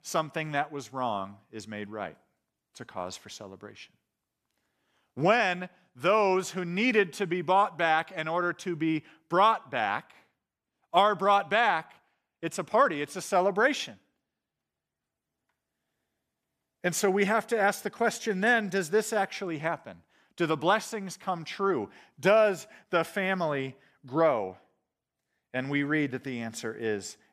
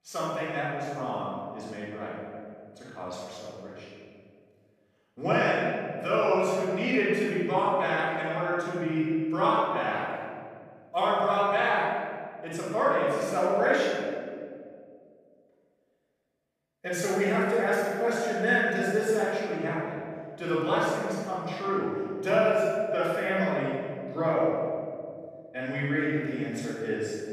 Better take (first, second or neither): first